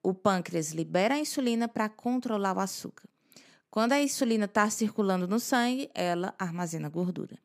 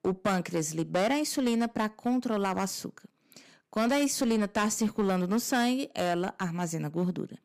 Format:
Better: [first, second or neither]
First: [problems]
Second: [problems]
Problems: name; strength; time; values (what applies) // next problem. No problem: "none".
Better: first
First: none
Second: distortion; slight; 6% of the sound clipped